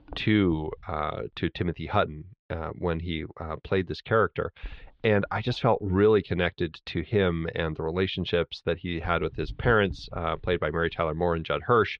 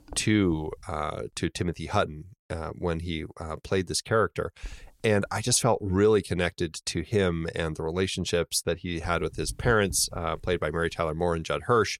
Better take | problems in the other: second | muffled; very; fading above 3.5 kHz

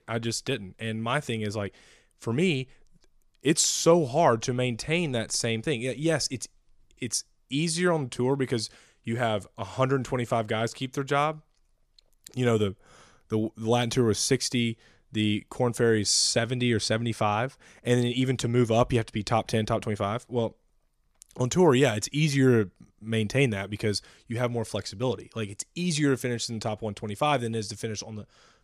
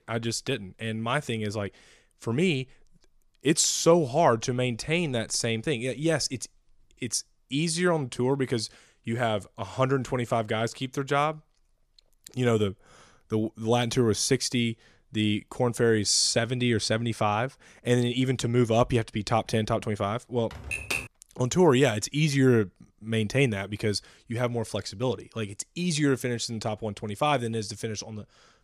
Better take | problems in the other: first | keyboard typing; noticeable; at 21 s; peak 3 dB below the speech

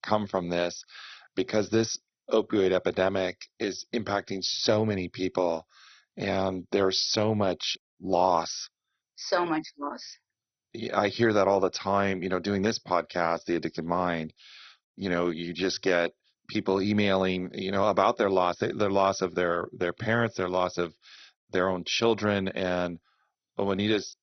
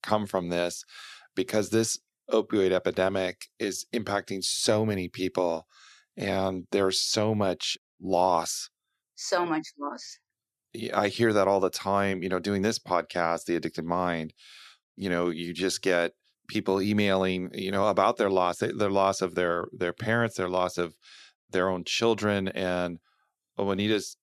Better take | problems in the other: second | garbled, watery; badly; nothing above 6 kHz

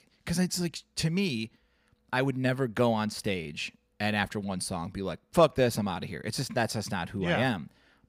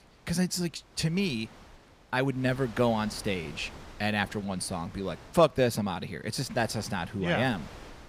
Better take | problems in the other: first | wind noise on the microphone; occasional gusts; 20 dB below the speech

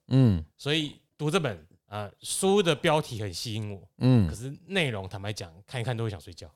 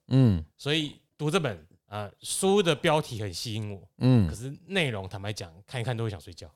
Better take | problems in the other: neither | none

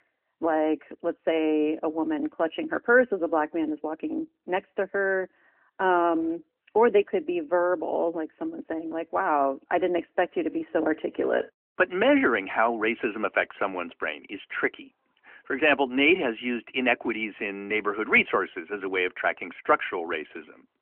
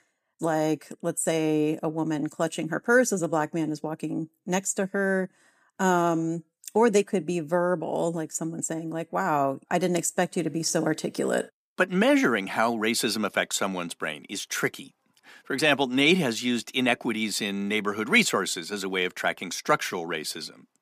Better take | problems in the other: second | phone-call audio; nothing above 3 kHz

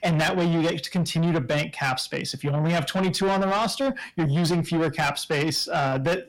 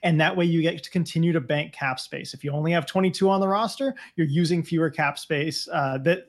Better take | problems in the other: second | distortion; heavy; 7 dB below the speech

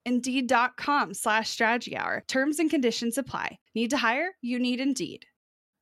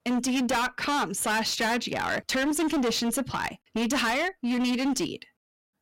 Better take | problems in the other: first | distortion; heavy; 24% of the sound clipped

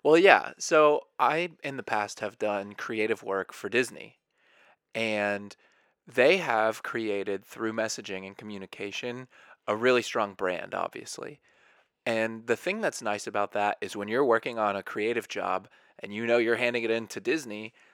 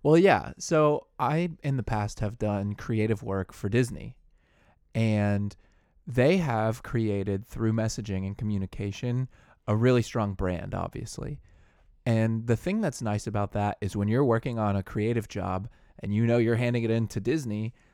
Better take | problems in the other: second | thin; very; fading below 450 Hz

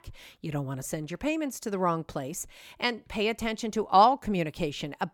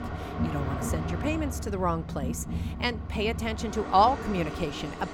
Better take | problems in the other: first | train or aircraft noise; loud; throughout; 5 dB below the speech

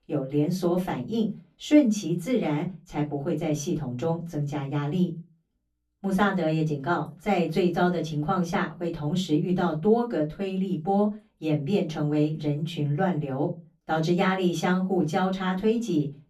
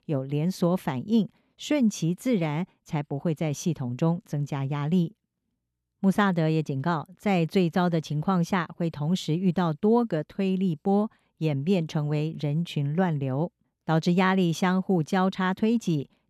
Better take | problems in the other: second | off-mic speech; far // room echo; very slight; dies away in 0.2 s

